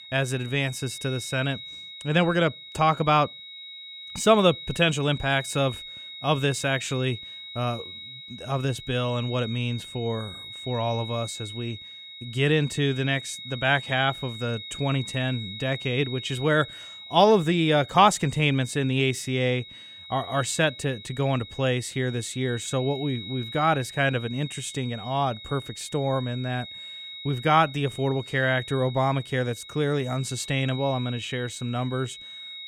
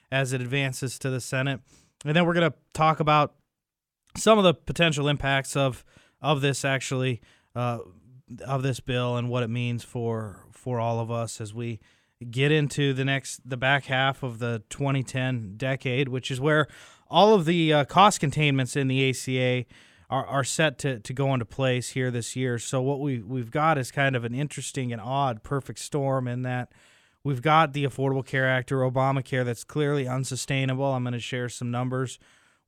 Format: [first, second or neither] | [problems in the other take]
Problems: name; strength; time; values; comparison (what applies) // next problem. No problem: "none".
second | high-pitched whine; noticeable; throughout; 4 kHz, 15 dB below the speech